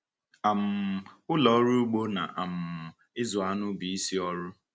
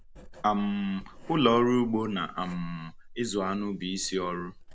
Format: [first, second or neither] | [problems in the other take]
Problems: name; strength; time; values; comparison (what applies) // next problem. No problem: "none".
first | background sound (Writing); 17 dB below the speech